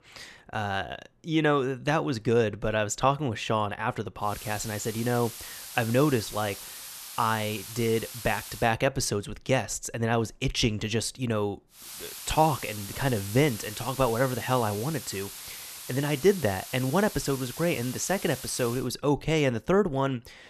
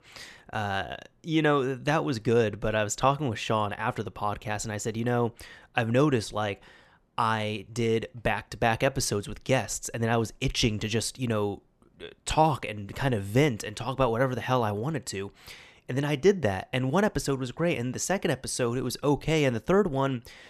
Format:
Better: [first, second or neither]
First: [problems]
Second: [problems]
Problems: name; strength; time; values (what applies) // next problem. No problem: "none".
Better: second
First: hiss; noticeable; from 4.5 to 8.5 s and from 12 to 19 s; 10 dB below the speech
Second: none